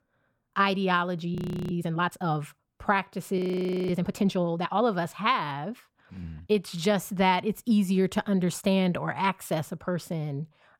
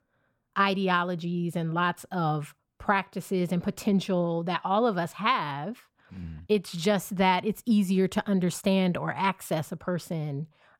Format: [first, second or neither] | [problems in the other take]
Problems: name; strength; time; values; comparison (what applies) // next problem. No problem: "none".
second | audio freezing; at 1.5 s and at 3.5 s for 0.5 s